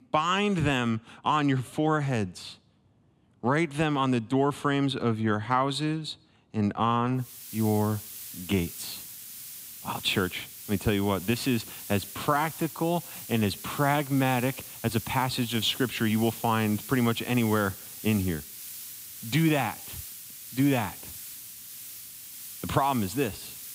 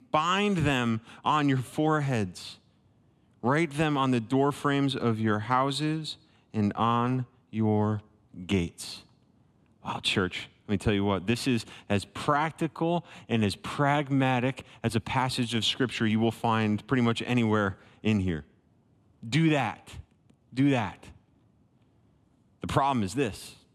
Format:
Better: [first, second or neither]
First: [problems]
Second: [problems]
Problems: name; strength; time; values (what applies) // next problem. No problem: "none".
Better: second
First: hiss; noticeable; from 7 s on; 10 dB below the speech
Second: none